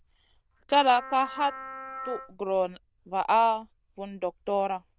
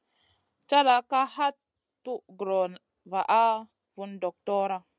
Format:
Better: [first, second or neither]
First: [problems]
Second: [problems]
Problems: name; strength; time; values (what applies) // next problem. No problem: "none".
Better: second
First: noise reduction (neural diffusion model UNIVERSE++)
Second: none